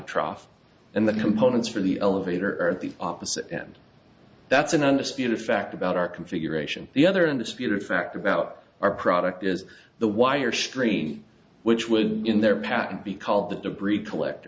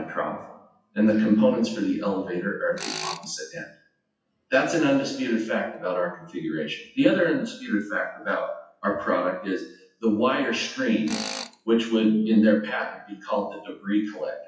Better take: first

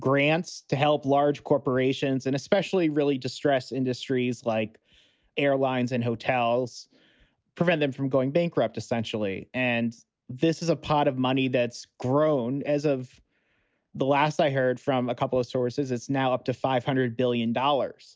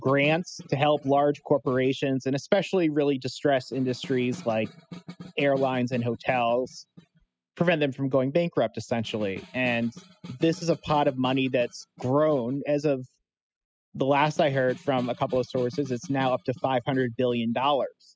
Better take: first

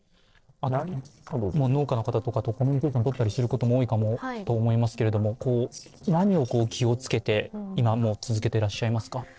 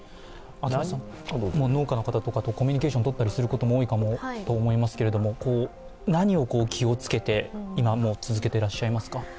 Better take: second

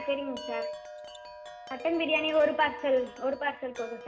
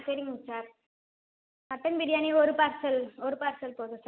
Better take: second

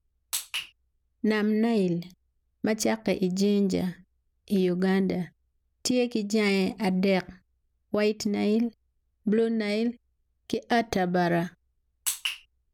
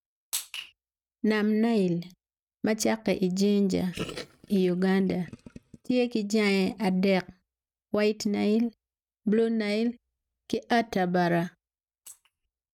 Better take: first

